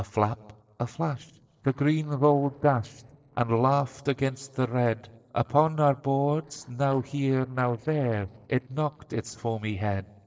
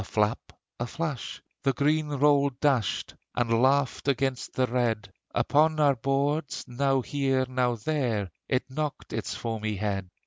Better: second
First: noise reduction (neural separator model SepFormer DNS4)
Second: none

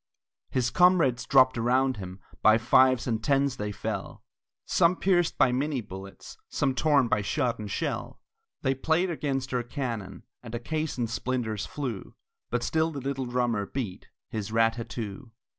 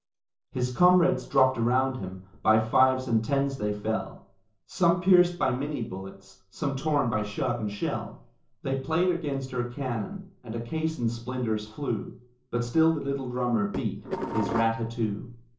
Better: first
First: none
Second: noise reduction (neural separator model SepFormer DNS4)

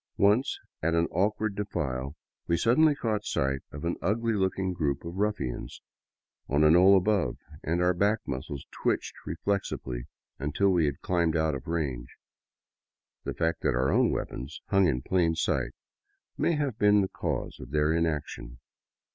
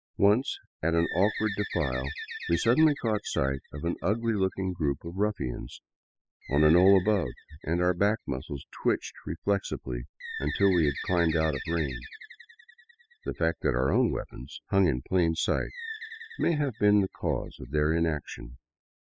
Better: first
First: none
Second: noise reduction (classical method spectral subtraction)

